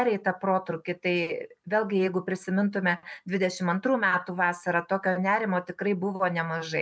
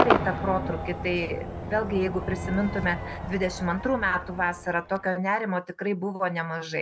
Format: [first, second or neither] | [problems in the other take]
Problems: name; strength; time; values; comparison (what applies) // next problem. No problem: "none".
first | background sound (Crowd / Cheering / Fireworks); 4 dB below the speech